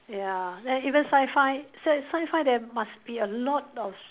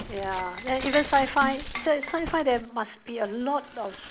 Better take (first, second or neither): first